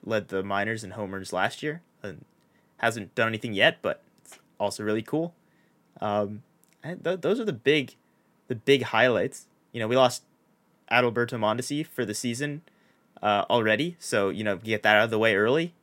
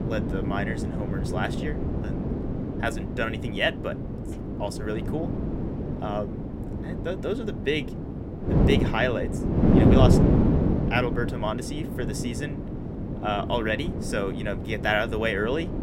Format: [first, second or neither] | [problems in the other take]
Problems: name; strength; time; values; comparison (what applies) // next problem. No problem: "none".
first | wind noise on the microphone; heavy; 4 dB below the speech